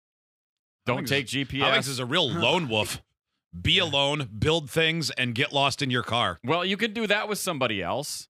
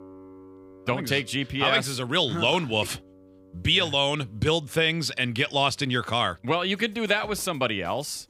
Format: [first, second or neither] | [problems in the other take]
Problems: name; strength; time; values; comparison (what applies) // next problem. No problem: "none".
first | background music; faint; throughout; 25 dB below the speech